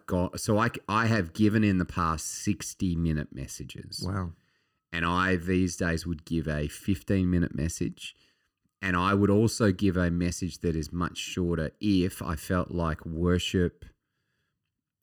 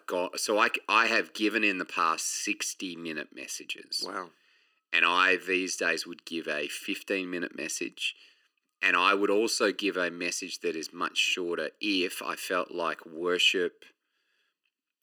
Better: first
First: none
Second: thin; very; fading below 350 Hz

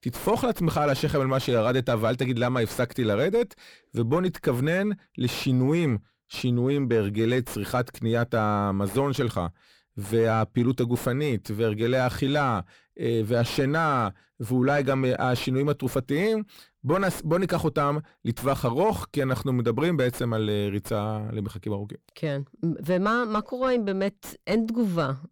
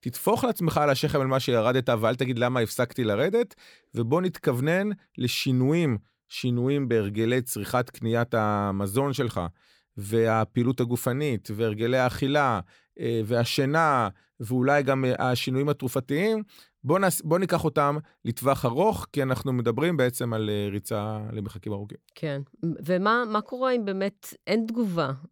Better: second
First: distortion; slight; 10 dB below the speech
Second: none

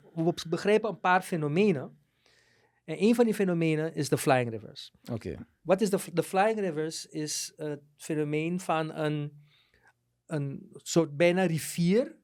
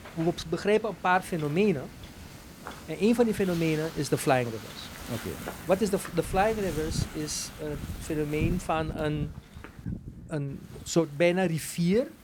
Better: first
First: none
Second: wind noise on the microphone; occasional gusts; 15 dB below the speech

